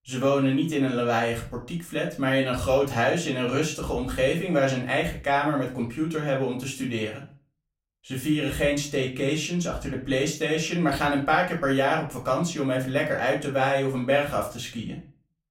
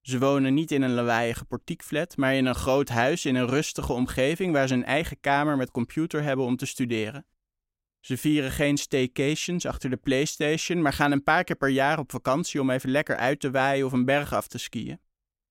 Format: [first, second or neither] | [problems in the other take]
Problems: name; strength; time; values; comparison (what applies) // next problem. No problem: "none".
second | off-mic speech; far // room echo; slight; dies away in 0.3 s